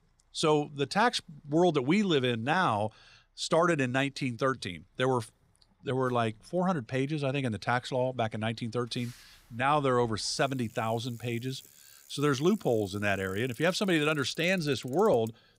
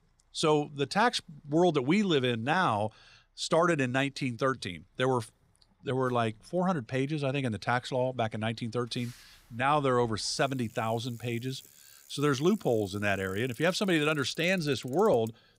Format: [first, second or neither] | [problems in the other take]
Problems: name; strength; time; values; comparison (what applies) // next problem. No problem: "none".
neither | traffic noise; faint; throughout; 25 dB below the speech; the same in both